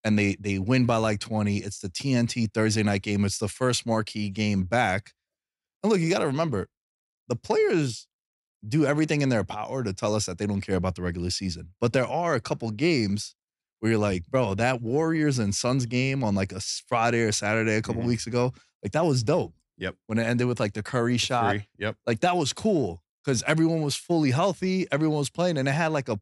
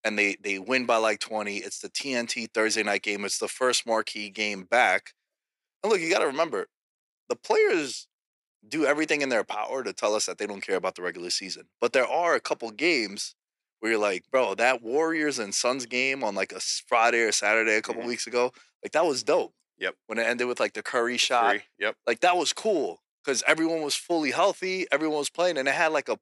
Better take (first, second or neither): first